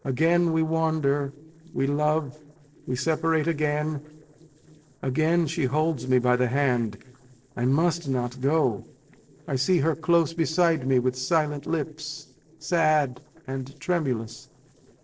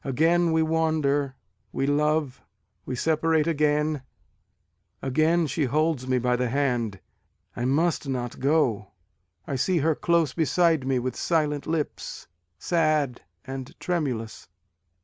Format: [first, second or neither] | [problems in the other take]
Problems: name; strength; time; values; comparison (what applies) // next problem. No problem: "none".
second | noise reduction (neural separator model SepFormer DNS4)